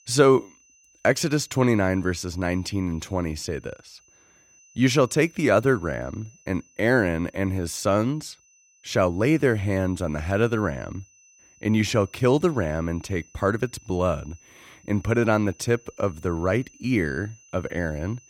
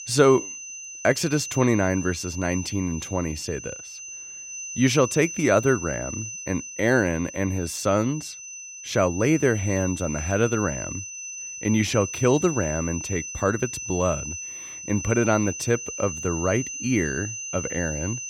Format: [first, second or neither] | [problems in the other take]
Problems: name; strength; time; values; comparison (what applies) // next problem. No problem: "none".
first | high-pitched whine; loud; throughout; 6 kHz, 9 dB below the speech; faint in the first